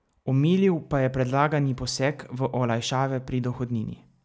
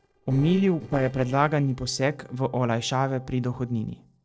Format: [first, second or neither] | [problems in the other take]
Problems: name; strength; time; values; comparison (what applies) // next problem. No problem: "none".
first | noise reduction (neural separator model SepFormer DNS4)